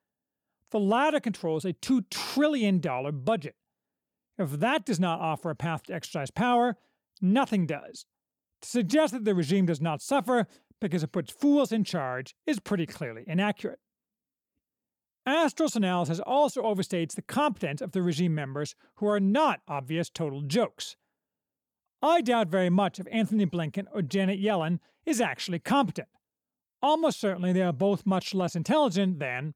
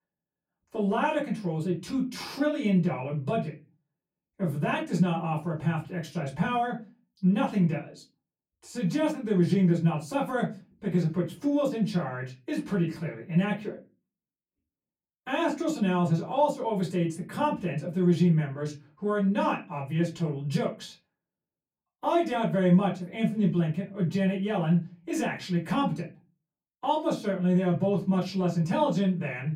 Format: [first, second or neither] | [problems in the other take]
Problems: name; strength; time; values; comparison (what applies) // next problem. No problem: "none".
first | off-mic speech; far // room echo; very slight; dies away in 0.3 s